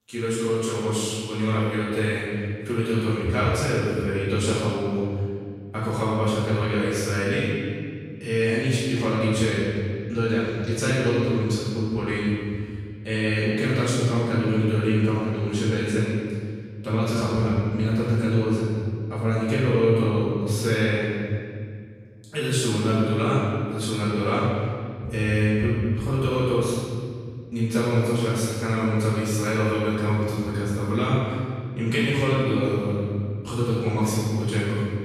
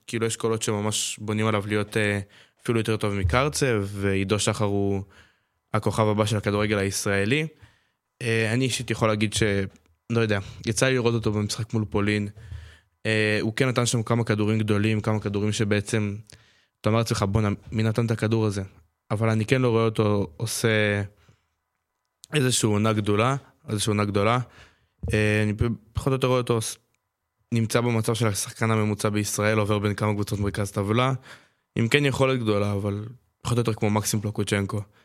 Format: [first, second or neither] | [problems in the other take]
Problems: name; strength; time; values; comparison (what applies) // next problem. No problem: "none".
second | off-mic speech; far // room echo; strong; dies away in 2.1 s